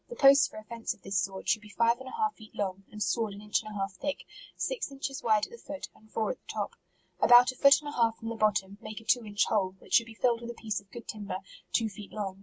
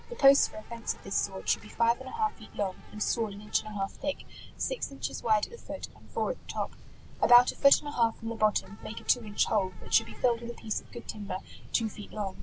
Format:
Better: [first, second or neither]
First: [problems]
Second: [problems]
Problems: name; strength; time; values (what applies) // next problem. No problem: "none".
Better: first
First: none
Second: background sound (Insect); 10 dB below the speech